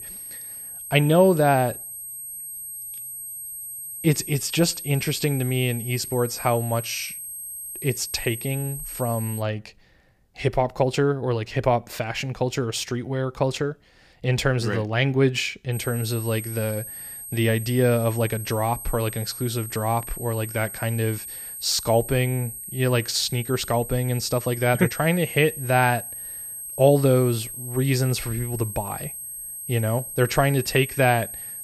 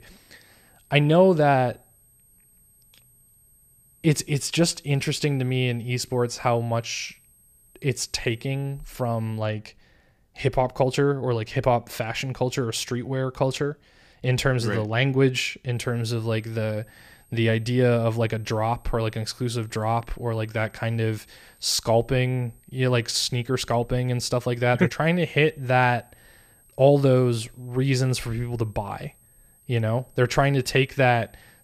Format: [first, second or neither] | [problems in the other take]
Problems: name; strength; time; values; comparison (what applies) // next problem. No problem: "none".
second | high-pitched whine; loud; until 9.5 s and from 16 s on; 8.5 kHz, 9 dB below the speech; faint in the second